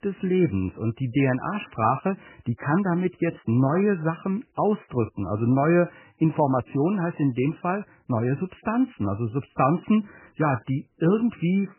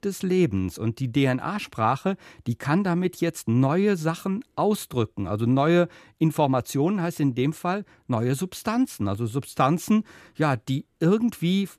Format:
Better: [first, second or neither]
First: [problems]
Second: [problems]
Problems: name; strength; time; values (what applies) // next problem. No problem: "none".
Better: second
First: garbled, watery; badly; nothing above 3 kHz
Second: none